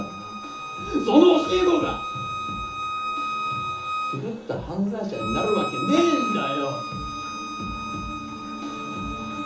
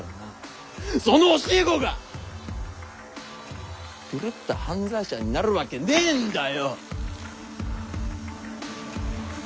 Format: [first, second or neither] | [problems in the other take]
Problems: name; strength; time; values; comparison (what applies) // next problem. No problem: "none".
second | background sound (Bowed string instrument); 5 dB below the speech // room echo; dies away in 1.2 s